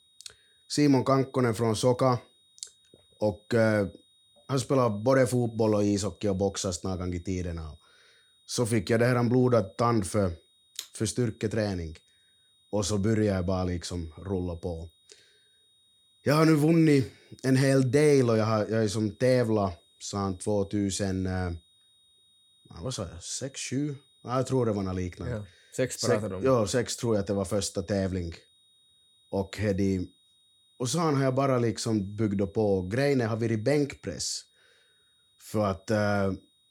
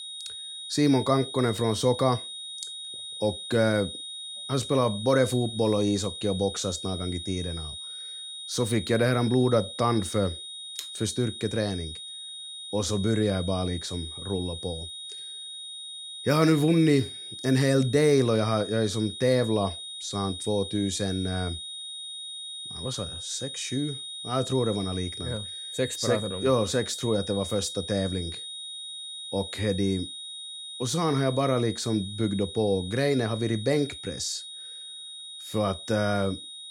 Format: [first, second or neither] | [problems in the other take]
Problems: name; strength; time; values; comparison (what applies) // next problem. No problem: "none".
first | high-pitched whine; loud; throughout; 3.5 kHz, 9 dB below the speech; faint in the first